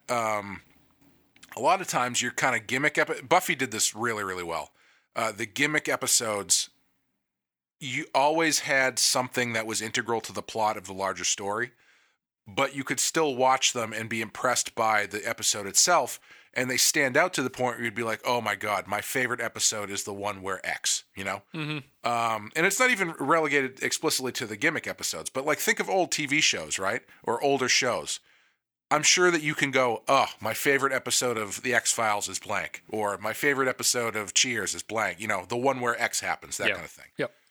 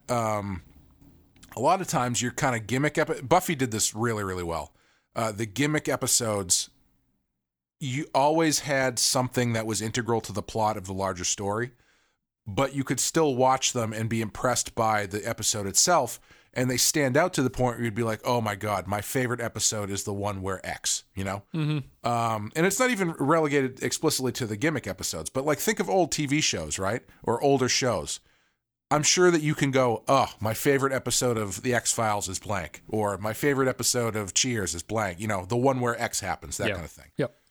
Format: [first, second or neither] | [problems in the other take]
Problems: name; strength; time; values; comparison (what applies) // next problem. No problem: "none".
second | thin; very slightly; fading below 700 Hz